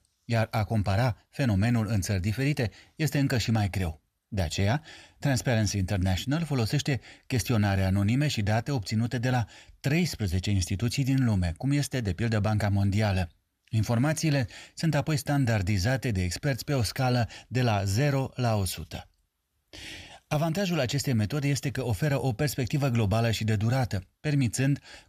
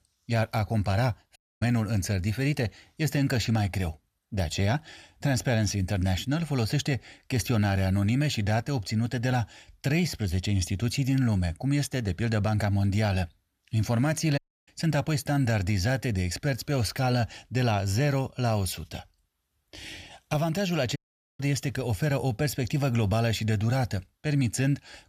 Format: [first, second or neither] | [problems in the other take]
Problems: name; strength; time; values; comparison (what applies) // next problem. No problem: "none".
first | audio cutting out; at 1.5 s, at 14 s and at 21 s